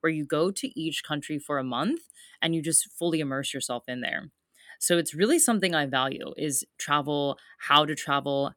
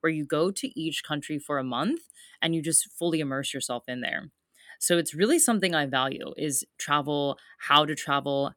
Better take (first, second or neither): neither